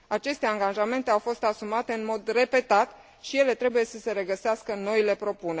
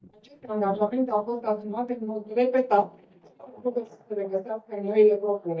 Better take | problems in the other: first | noise reduction (neural mask model DeepFilterNet 3)

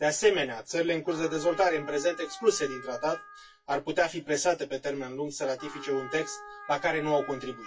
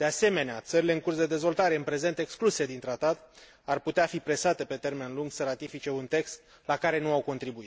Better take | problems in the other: second | noise reduction (classical method WPE with log-MMSE)

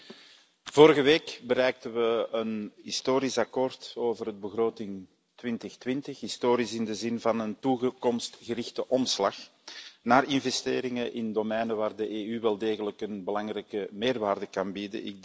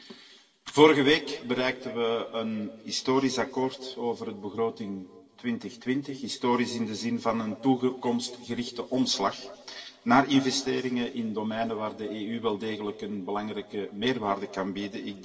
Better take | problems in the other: first | room echo; dies away in 2 s

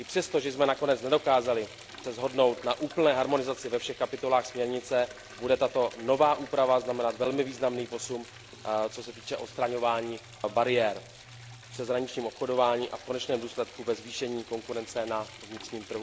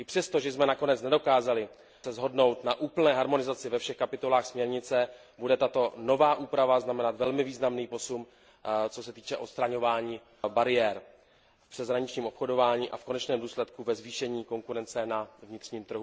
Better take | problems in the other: second | background sound (Liquid); 19 dB below the speech

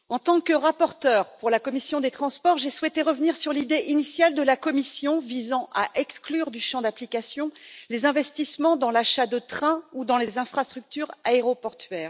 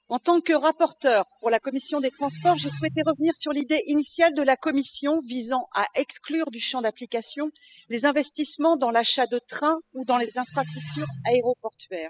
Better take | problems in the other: first | noise reduction (classical method spectral subtraction)

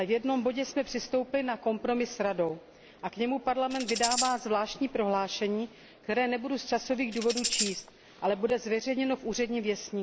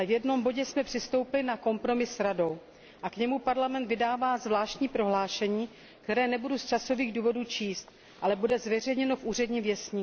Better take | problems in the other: second | background sound (Tambourine); 3 dB below the speech

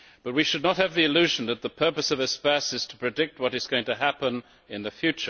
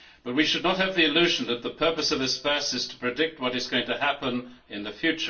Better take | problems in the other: first | room echo; dies away in 0.3 s

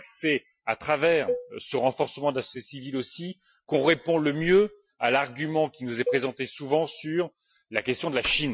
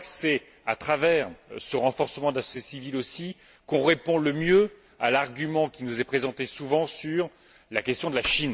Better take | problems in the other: second | noise reduction (classical method Wiener filter)

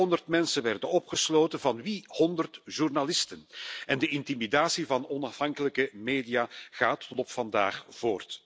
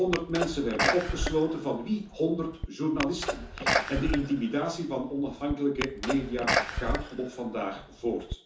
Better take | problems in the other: first | background sound (Sneeze); 2 dB below the speech // room echo; dies away in 0.9 s

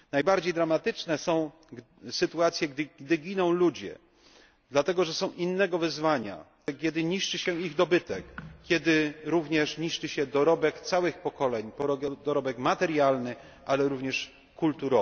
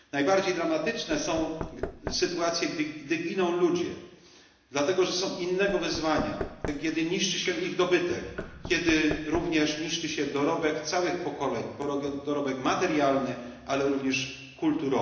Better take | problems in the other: first | background sound (Knock / Wood); 13 dB below the speech // room echo; dies away in 1 s

